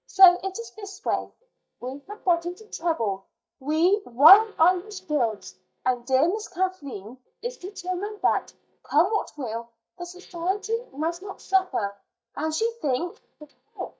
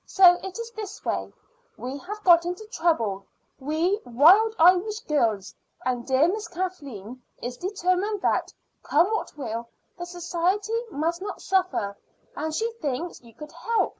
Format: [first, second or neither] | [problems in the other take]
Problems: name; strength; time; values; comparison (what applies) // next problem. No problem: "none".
second | noise reduction (neural mask model DeepFilterNet 3)